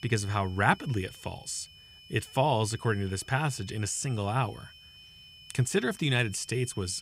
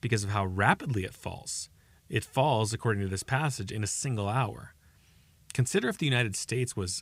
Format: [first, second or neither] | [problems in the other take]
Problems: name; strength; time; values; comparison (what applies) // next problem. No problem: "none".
second | high-pitched whine; faint; throughout; 3 kHz, 20 dB below the speech